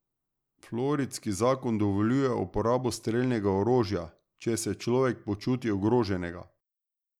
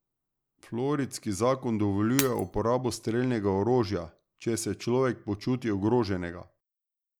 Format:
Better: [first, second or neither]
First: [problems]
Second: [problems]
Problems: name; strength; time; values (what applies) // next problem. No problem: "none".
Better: first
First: none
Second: background sound (Shatter); 11 dB below the speech